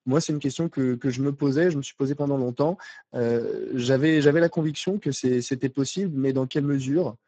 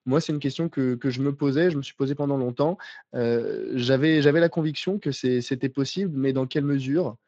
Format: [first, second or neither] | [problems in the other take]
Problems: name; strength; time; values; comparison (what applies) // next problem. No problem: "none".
second | garbled, watery; badly; nothing above 7.5 kHz; slightly in the second